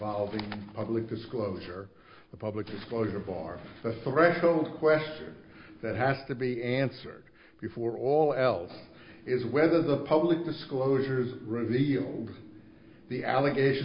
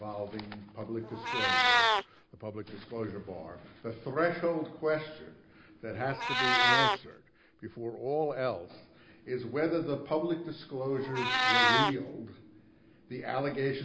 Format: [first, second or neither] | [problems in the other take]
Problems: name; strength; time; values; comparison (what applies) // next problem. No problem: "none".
first | background sound (Meow); 2 dB above the speech